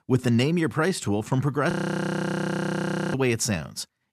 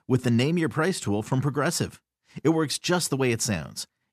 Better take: second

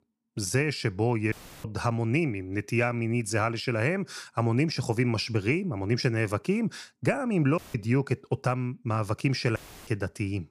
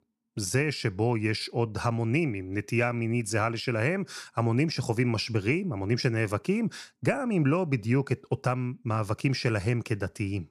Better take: second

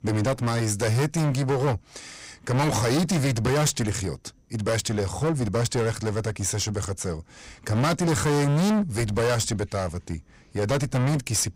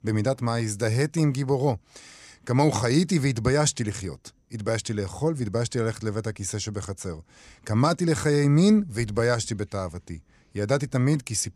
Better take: second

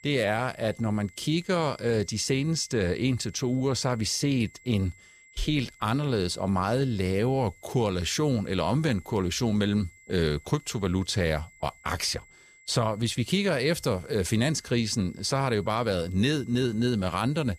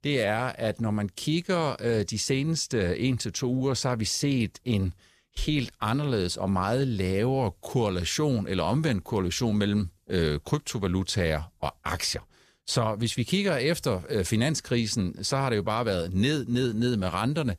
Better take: second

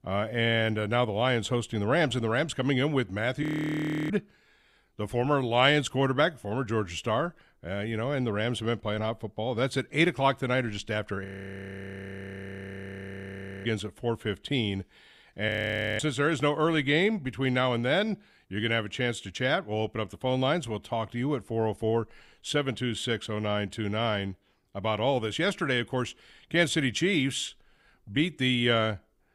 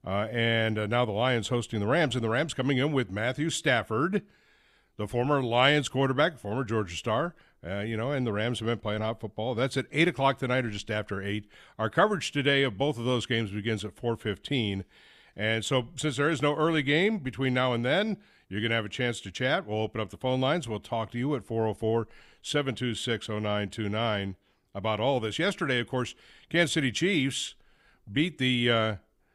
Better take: second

